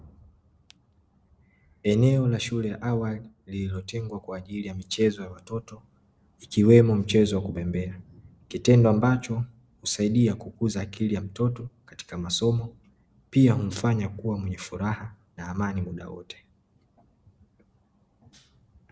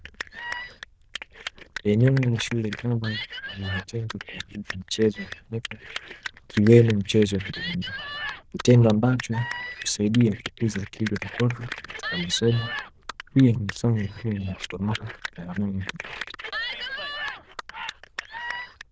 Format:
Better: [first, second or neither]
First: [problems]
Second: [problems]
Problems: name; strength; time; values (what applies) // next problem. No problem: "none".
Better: first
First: none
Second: noise reduction (neural diffusion model UNIVERSE++)